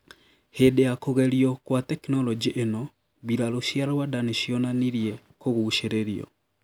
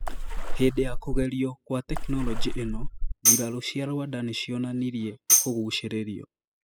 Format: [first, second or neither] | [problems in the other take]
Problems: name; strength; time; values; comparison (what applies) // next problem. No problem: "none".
first | noise reduction (classical method spectral subtraction)